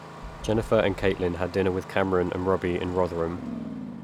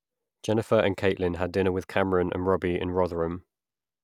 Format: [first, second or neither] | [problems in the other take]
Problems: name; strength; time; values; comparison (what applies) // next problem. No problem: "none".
second | background sound (Engine starting + Wind); 12 dB below the speech